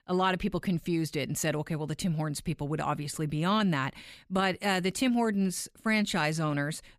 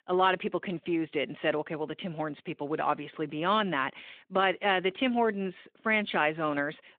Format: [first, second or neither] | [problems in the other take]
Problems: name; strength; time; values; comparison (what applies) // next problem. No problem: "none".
first | phone-call audio